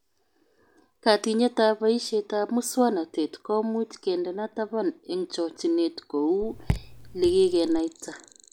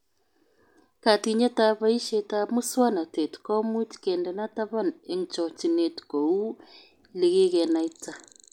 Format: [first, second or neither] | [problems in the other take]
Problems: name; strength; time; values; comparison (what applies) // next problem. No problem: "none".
second | background sound (Raindrop / Drip); 7 dB below the speech